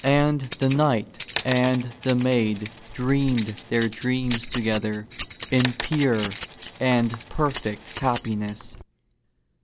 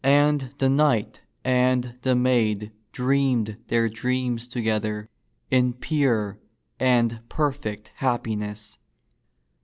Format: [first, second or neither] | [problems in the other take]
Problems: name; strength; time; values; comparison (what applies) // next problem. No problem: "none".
second | background sound (Keys jangling + Coin (dropping)); 12 dB below the speech